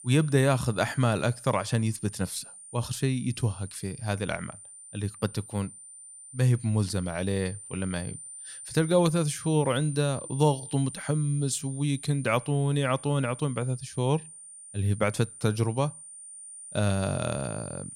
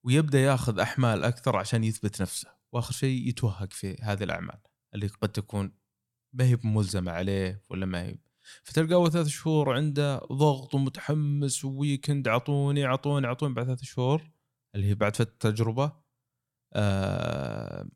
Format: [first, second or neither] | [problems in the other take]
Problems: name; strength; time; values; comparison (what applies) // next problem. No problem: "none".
second | high-pitched whine; noticeable; throughout; 9 kHz, 15 dB below the speech